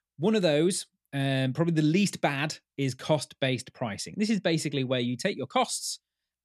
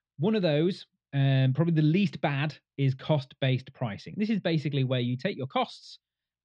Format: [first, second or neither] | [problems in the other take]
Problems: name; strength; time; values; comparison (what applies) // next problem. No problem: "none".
first | muffled; slightly; fading above 4 kHz